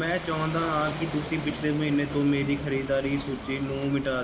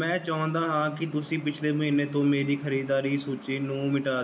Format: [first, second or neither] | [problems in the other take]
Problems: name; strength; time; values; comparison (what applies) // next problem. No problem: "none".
second | background sound (Waves, surf); 10 dB below the speech